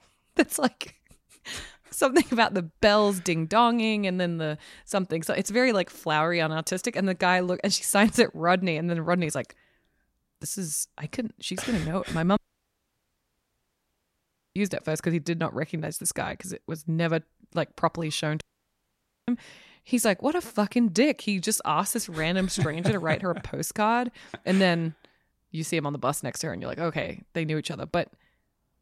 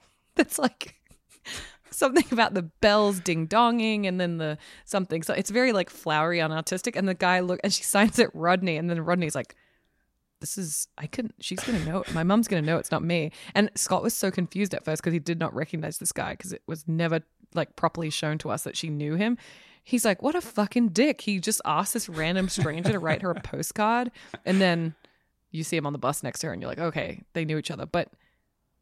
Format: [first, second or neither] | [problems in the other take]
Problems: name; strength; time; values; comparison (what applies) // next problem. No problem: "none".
second | audio cutting out; at 12 s for 2 s and at 18 s for 1 s